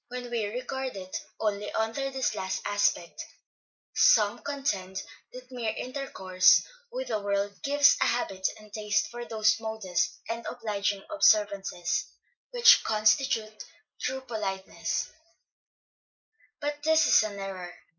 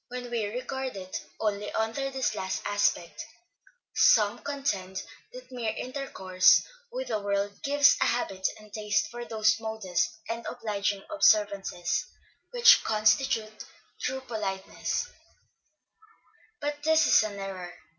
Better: second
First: noise reduction (neural mask model Resemble Enhance denoiser)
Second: none

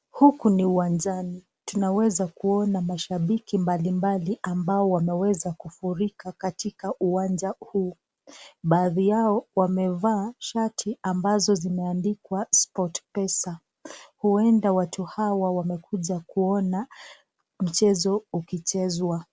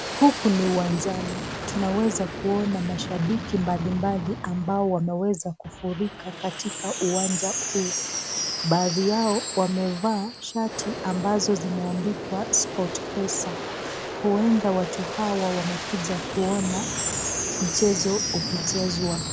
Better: first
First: none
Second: background sound (Wind chime + Aircraft); 5 dB below the speech

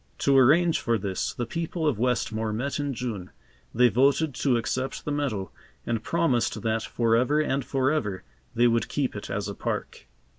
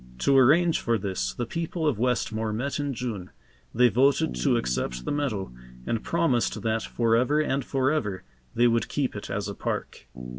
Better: first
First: none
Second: background sound (Bass guitar); 17 dB below the speech

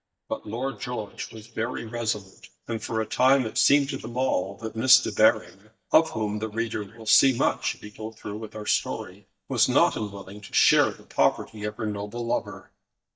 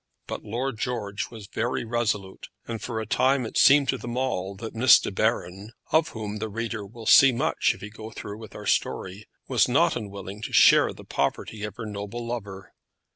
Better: second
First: noise reduction (neural mask model DeepFilterNet 3)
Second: none

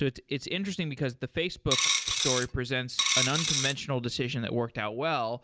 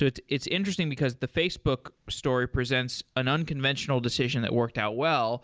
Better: second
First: background sound (Coin (dropping)); 3 dB above the speech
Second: none

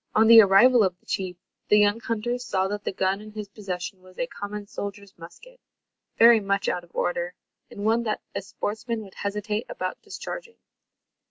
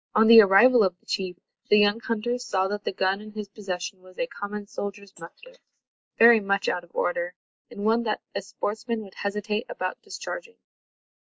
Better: first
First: none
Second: noise reduction (neural mask model Resemble Enhance denoiser)

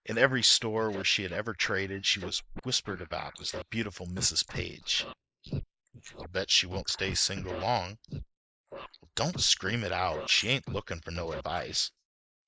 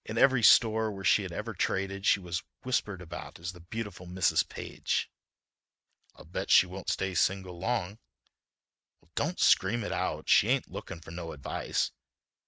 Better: second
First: noise reduction (neural mask model Resemble Enhance denoiser)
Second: none

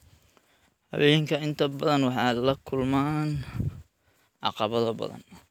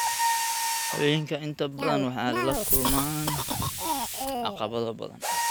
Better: first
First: none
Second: background sound (Cough + Mechanisms); 2 dB above the speech

